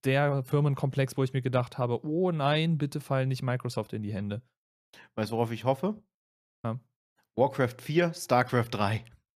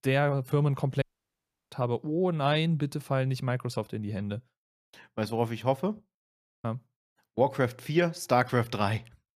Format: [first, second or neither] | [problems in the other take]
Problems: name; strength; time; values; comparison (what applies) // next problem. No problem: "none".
first | audio cutting out; at 1 s for 0.5 s